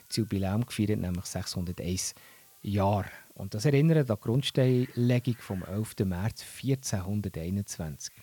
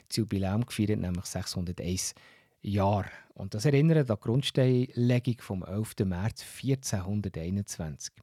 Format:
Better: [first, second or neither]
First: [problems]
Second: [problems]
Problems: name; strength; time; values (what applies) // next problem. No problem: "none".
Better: second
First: hiss; faint; throughout; 25 dB below the speech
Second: none